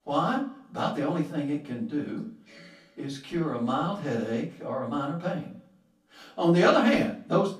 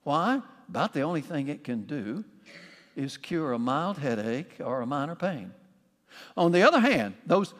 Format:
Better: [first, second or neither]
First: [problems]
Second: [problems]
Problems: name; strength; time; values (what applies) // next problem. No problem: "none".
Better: second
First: off-mic speech; far // room echo; slight; dies away in 0.3 s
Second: none